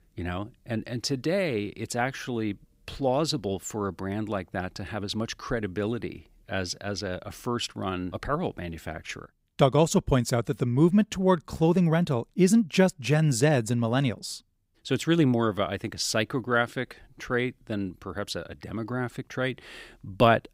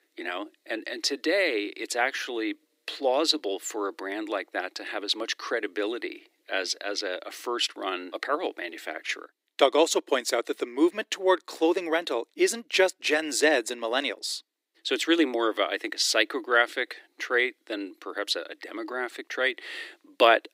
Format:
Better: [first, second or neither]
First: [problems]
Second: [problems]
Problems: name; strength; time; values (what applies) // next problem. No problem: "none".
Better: first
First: none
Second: thin; very; fading below 300 Hz